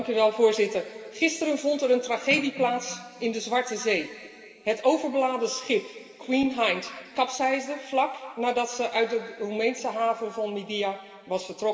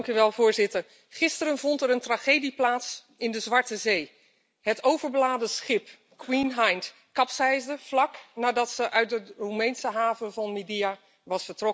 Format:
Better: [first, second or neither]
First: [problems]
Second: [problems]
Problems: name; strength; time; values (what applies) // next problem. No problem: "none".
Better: second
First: background sound (Cutlery, silverware); 20 dB below the speech // room echo; dies away in 2.3 s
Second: none